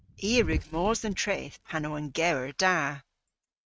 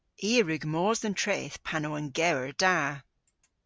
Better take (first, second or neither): second